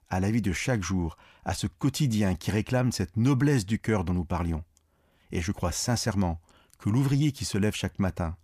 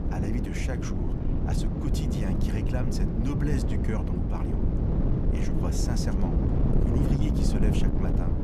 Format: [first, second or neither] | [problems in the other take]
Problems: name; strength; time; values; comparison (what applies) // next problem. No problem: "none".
first | wind noise on the microphone; heavy; 2 dB above the speech